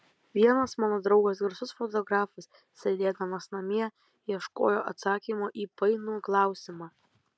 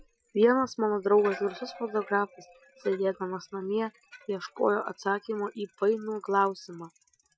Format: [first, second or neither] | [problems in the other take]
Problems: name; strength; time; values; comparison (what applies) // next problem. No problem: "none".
first | noise reduction (classical method Wiener filter)